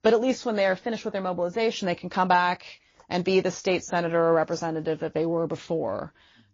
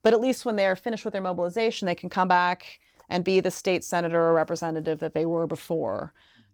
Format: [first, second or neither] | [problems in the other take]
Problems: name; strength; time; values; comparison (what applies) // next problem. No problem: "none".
second | garbled, watery; slightly; nothing above 6.5 kHz